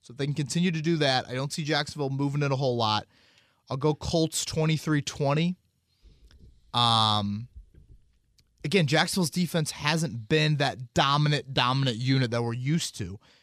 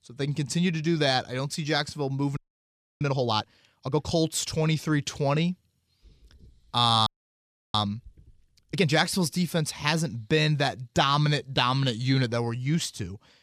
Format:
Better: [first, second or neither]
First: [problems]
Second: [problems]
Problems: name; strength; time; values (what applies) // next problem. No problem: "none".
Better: first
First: none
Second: audio freezing; at 2.5 s for 0.5 s and at 7 s for 0.5 s